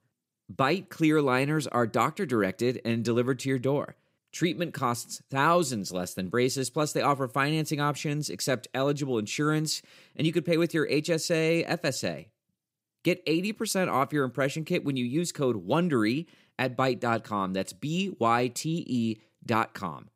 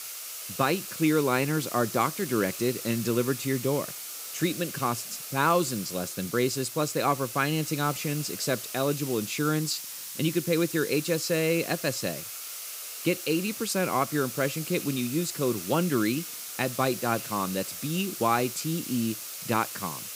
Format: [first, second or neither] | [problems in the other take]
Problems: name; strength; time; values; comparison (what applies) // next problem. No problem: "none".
first | hiss; loud; throughout; 7 dB below the speech